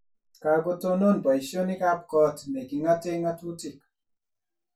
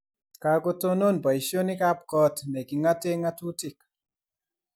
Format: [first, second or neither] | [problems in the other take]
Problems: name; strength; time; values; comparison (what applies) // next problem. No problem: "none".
second | room echo; dies away in 0.2 s